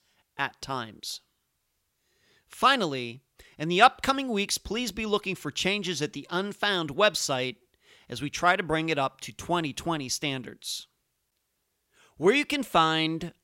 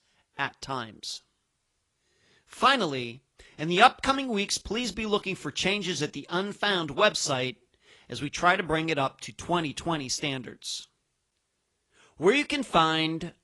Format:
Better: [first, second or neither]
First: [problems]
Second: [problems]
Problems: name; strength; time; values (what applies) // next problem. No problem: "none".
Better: first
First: none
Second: garbled, watery; slightly; nothing above 10.5 kHz